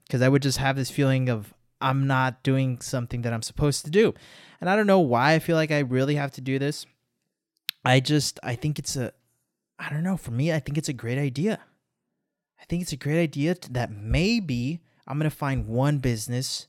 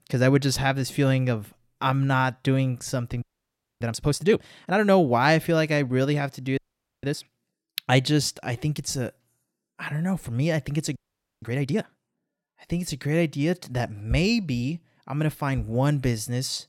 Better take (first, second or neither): first